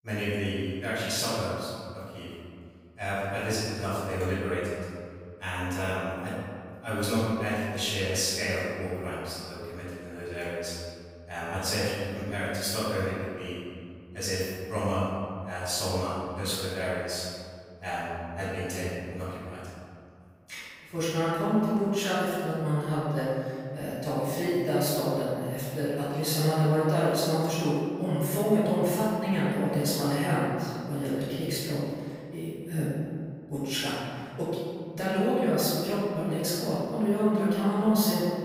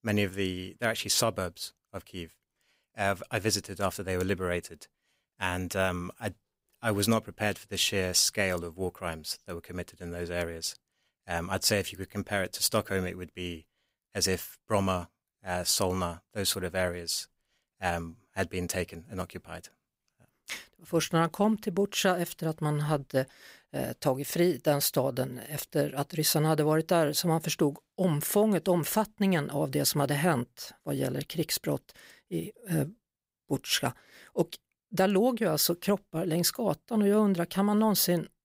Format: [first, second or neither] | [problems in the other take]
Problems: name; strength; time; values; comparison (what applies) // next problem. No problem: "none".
second | off-mic speech; far // room echo; strong; dies away in 2 s